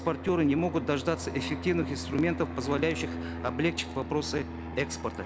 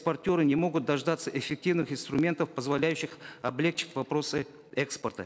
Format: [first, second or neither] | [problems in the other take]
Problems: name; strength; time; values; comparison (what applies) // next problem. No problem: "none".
second | background sound (Fixed-wing aircraft, airplane); 7 dB below the speech